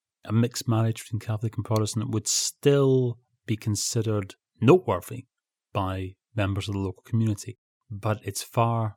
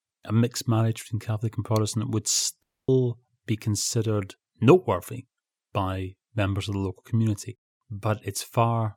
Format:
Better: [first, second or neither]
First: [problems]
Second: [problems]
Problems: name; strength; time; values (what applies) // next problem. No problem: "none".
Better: first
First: none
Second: audio cutting out; at 2.5 s